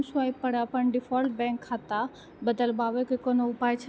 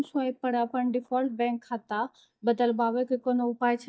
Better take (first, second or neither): first